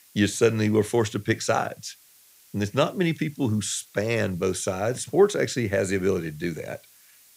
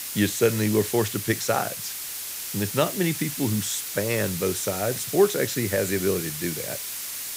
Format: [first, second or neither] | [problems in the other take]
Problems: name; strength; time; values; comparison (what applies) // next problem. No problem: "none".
first | hiss; loud; throughout; 5 dB below the speech; faint in the first